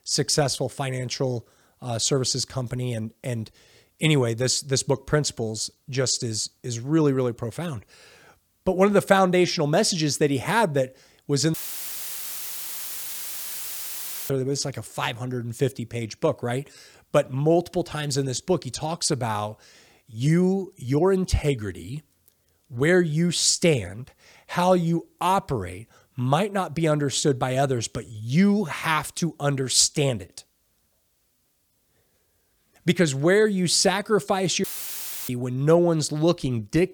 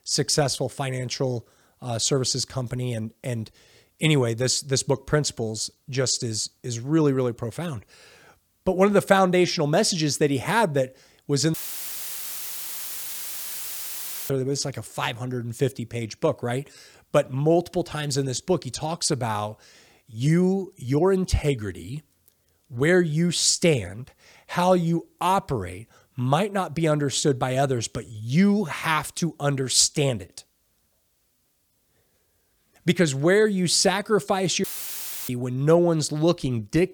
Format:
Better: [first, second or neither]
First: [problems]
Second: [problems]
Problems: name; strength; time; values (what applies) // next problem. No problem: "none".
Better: neither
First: audio cutting out; filled with static; at 12 s for 3 s and at 35 s for 0.5 s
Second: audio cutting out; filled with static; at 12 s for 3 s and at 35 s for 0.5 s